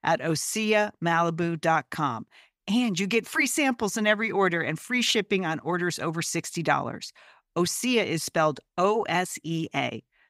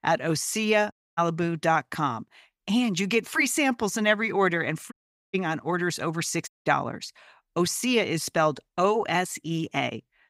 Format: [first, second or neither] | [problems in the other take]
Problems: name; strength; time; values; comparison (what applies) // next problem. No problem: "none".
first | audio cutting out; at 1 s, at 5 s and at 6.5 s